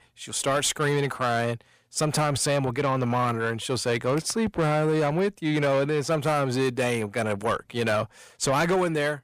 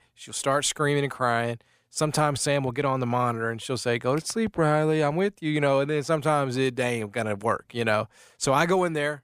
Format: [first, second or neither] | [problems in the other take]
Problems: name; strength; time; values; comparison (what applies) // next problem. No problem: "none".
second | distortion; slight; 10 dB below the speech